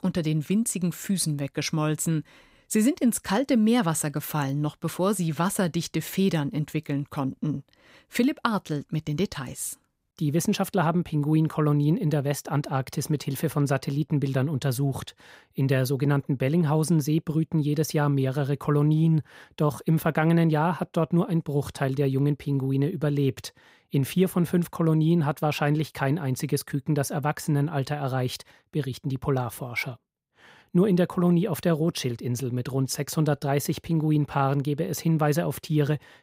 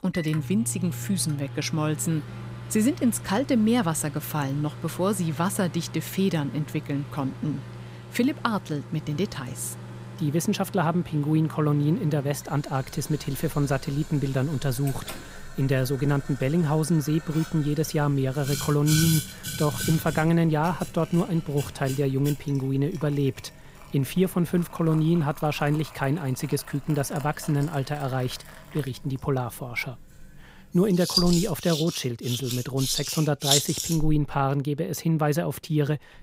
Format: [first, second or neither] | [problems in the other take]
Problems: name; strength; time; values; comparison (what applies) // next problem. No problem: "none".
first | household noises; loud; throughout; 9 dB below the speech